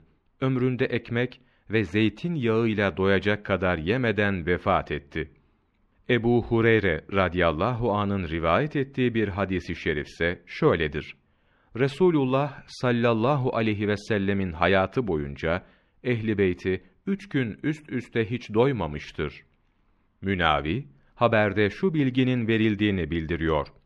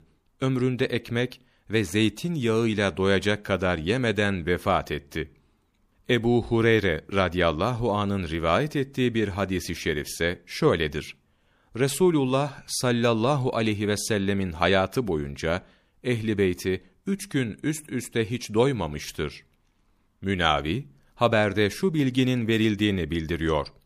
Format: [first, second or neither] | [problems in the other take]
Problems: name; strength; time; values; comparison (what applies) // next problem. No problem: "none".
second | muffled; slightly; fading above 2.5 kHz